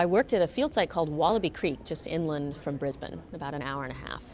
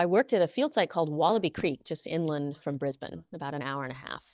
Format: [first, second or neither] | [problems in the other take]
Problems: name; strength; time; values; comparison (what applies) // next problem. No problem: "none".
first | noise reduction (neural mask model DeepFilterNet 3)